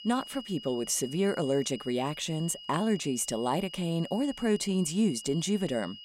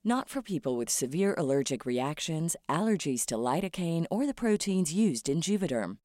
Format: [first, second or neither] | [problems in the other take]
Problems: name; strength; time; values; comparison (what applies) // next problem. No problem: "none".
second | high-pitched whine; noticeable; throughout; 3 kHz, 15 dB below the speech